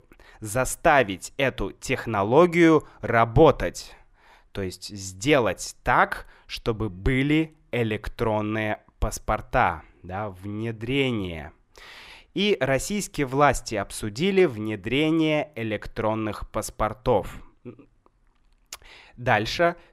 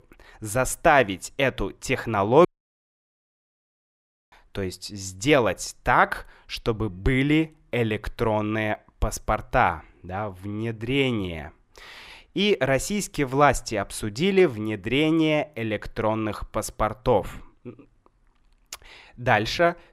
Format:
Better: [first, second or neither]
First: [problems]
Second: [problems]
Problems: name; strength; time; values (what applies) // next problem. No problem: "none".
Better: first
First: none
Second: audio cutting out; at 2.5 s for 2 s